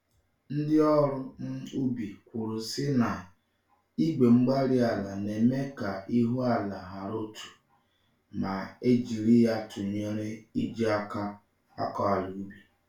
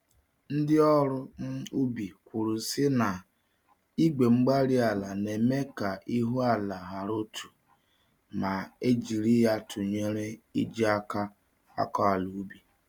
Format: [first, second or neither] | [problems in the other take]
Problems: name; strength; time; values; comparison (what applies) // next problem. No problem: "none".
second | room echo; dies away in 0.3 s